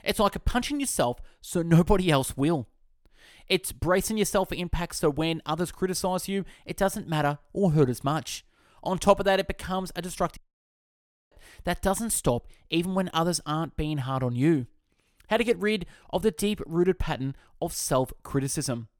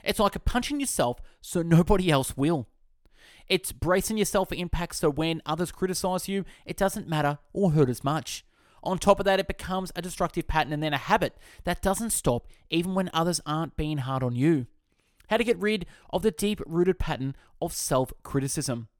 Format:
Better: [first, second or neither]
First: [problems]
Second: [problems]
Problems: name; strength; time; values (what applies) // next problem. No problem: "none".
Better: second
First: audio cutting out; at 10 s for 1 s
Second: none